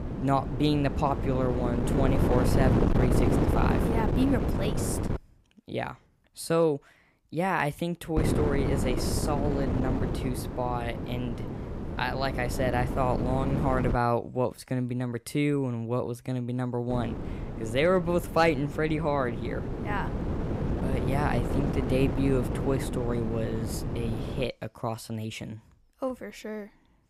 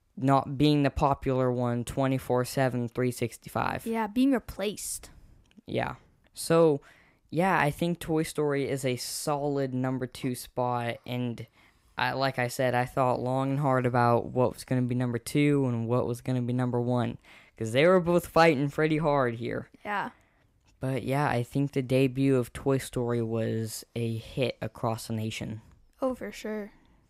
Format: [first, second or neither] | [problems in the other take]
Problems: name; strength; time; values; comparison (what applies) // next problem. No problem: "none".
second | wind noise on the microphone; heavy; until 5 s, from 8 to 14 s and from 17 to 24 s; 4 dB below the speech